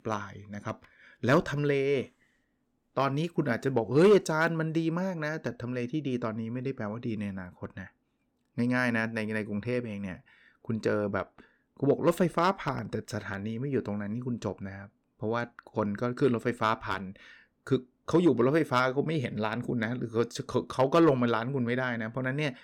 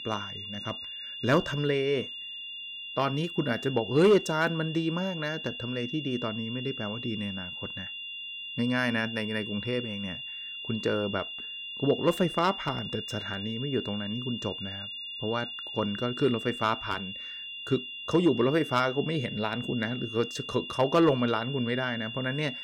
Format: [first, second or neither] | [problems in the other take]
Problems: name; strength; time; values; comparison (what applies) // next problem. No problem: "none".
first | high-pitched whine; loud; throughout; 3 kHz, 7 dB below the speech